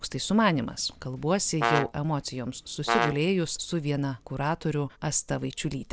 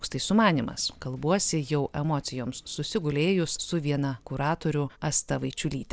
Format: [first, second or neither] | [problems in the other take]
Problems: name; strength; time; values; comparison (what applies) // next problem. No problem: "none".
second | background sound (Brass instrument); 3 dB below the speech